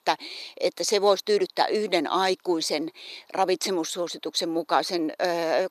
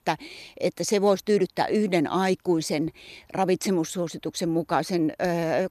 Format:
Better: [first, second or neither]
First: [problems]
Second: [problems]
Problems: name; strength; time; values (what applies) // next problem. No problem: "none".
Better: second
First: thin; somewhat; fading below 400 Hz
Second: none